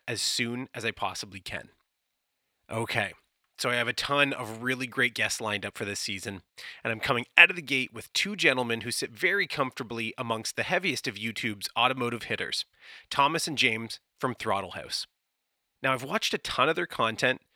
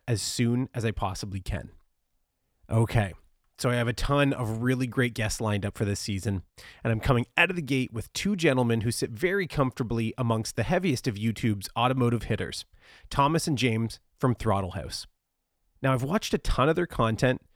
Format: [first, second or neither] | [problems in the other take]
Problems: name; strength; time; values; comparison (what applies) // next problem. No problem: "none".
second | thin; somewhat; fading below 550 Hz